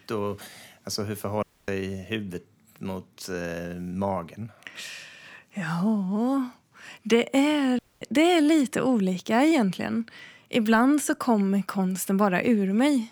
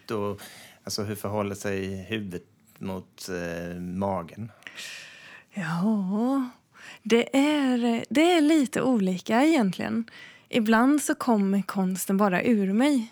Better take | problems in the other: second | audio cutting out; at 1.5 s and at 8 s

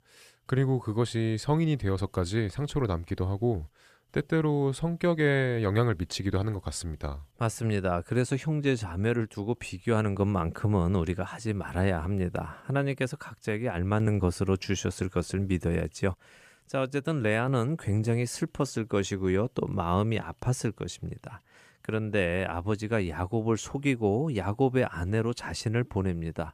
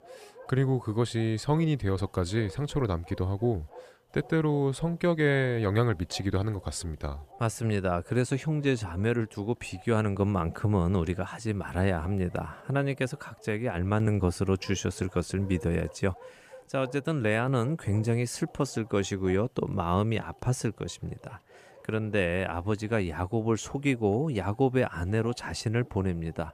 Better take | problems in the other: first | animal sounds; faint; throughout; 25 dB below the speech

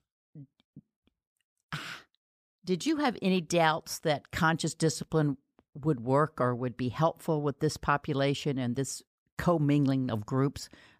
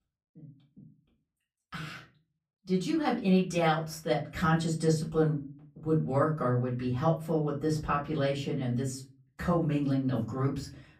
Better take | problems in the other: first | off-mic speech; far // room echo; slight; dies away in 0.4 s

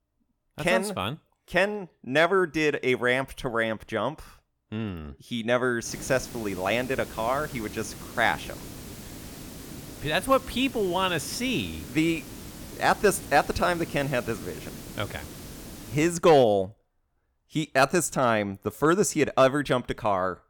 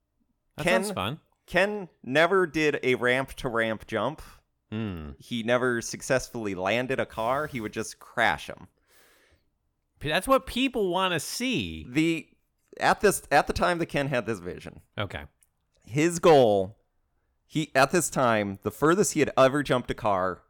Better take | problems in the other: second | hiss; noticeable; from 6 to 16 s; 15 dB below the speech

